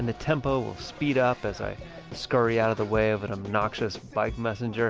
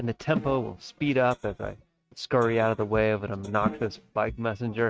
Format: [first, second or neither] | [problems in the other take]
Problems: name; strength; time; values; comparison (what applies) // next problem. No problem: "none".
first | noise reduction (neural mask model RNNoise)